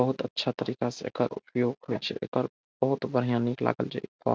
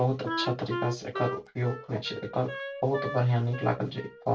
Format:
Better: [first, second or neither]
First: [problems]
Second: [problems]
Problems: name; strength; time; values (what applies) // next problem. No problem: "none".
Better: first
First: none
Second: background sound (Wind instrument, woodwind instrument); 8 dB below the speech // room echo; dies away in 0.2 s